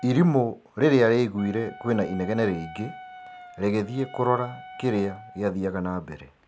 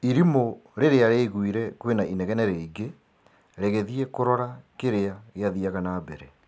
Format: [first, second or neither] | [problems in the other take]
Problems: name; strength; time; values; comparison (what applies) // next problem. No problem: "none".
second | background sound (Wind instrument, woodwind instrument); 19 dB below the speech